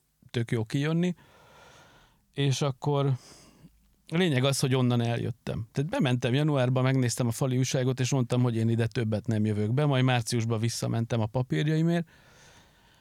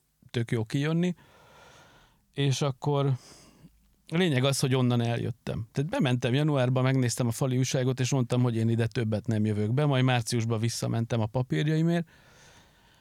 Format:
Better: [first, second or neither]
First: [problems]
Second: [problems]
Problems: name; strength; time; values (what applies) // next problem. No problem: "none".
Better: neither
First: none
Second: none